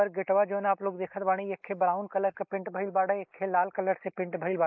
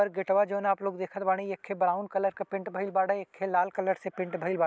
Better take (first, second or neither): second